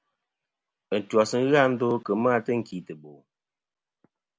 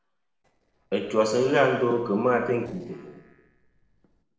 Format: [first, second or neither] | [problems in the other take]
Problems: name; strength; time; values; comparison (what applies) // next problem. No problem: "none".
first | noise reduction (neural separator model SepFormer DNS4)